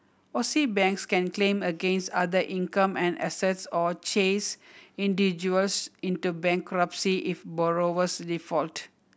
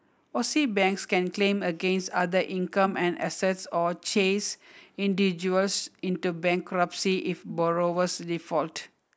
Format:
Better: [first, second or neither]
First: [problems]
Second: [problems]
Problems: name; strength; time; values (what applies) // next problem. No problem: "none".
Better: first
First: none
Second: noise reduction (neural mask model Resemble Enhance denoiser)